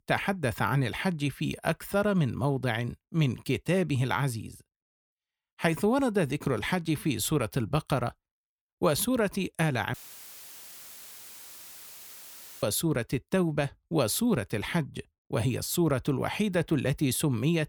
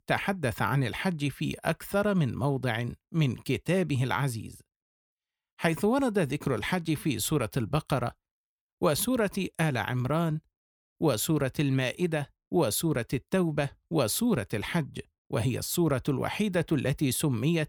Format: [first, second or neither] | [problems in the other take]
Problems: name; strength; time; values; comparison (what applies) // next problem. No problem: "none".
second | audio cutting out; filled with static; at 10 s for 2.5 s